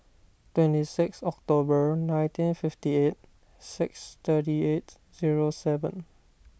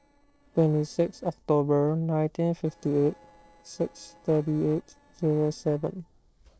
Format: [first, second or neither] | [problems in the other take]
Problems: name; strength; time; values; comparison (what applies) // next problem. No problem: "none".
first | noise reduction (neural separator model SepFormer DNS4)